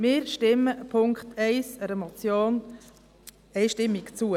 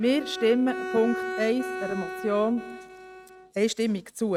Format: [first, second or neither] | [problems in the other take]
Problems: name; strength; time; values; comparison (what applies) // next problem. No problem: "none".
first | noise reduction (neural mask model RNNoise)